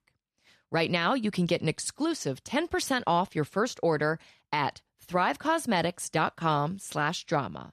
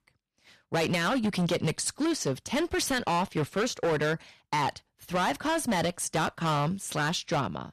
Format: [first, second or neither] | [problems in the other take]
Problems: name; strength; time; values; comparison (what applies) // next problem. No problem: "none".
first | distortion; heavy; 15% of the sound clipped